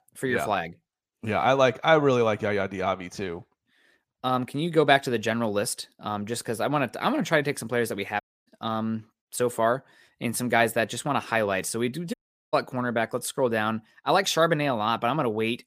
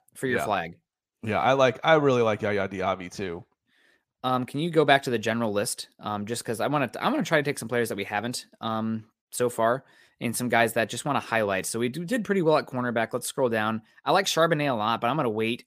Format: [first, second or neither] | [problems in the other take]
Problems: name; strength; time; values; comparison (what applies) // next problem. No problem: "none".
second | audio cutting out; at 8 s and at 12 s